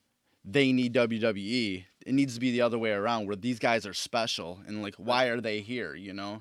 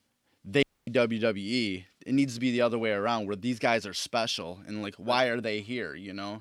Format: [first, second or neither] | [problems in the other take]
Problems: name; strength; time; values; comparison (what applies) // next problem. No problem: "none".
first | audio cutting out; at 0.5 s